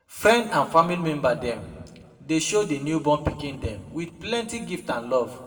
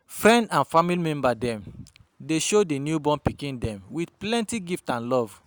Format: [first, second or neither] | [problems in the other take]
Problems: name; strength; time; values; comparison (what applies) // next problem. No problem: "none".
second | room echo; dies away in 1.2 s